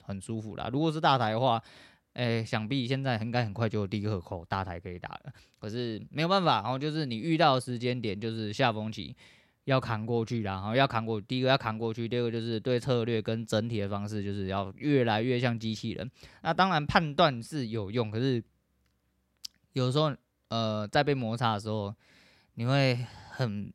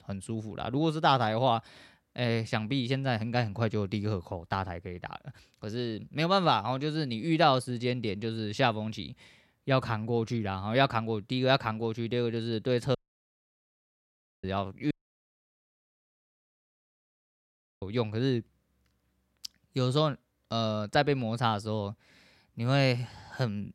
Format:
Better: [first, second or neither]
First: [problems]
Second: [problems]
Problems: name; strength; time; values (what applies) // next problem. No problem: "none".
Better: first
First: none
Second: audio cutting out; at 13 s for 1.5 s and at 15 s for 3 s